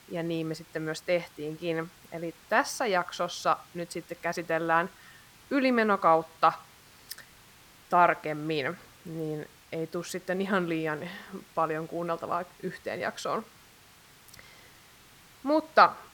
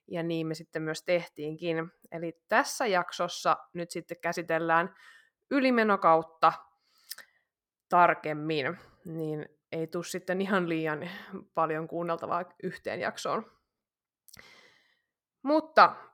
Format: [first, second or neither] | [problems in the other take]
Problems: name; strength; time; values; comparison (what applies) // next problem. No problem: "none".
second | hiss; faint; throughout; 25 dB below the speech